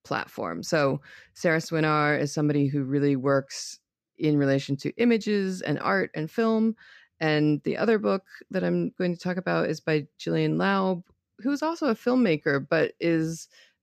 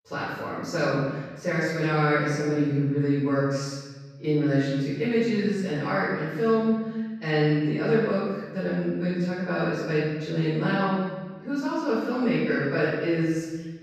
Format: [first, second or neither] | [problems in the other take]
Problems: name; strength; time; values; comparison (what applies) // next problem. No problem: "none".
first | off-mic speech; far // room echo; strong; dies away in 1.4 s